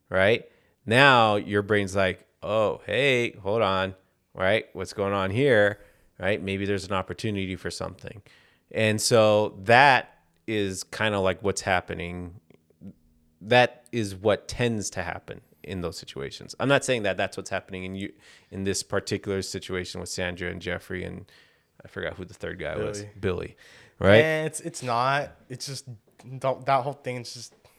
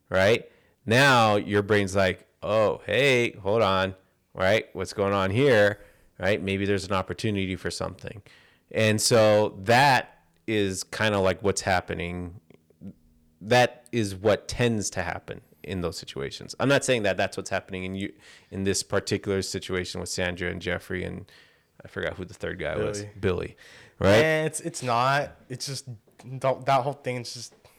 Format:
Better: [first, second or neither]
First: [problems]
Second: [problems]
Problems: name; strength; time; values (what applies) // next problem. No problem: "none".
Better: first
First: none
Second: distortion; slight; 2% of the sound clipped